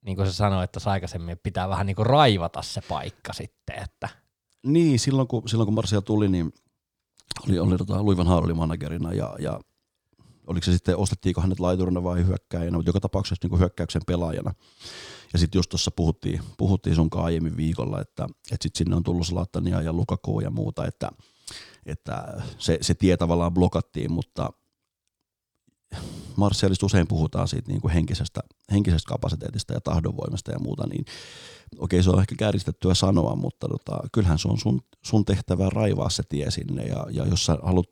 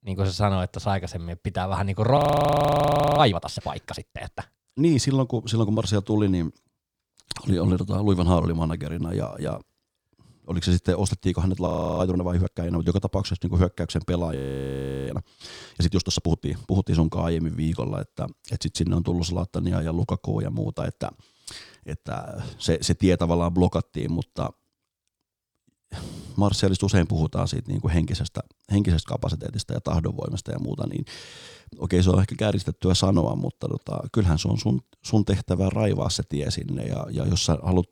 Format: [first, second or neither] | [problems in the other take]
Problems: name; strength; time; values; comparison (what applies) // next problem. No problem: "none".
first | audio freezing; at 2 s for 1 s, at 12 s and at 14 s for 0.5 s